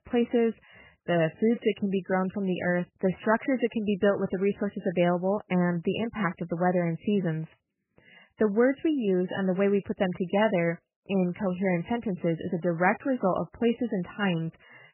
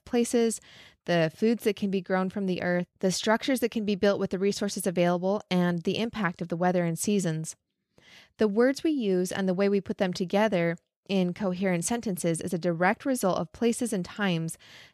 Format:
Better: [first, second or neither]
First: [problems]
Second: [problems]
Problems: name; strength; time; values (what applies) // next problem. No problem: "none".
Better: second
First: garbled, watery; badly; nothing above 3 kHz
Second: none